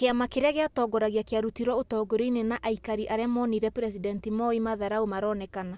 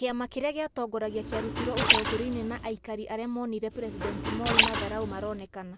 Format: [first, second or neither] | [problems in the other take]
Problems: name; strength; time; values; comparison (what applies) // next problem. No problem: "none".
first | background sound (Liquid); 3 dB above the speech